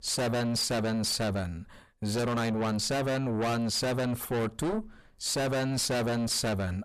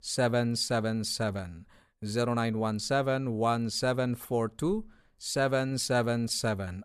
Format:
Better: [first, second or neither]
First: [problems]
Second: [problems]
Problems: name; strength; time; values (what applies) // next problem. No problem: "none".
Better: second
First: distortion; heavy; 5 dB below the speech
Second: none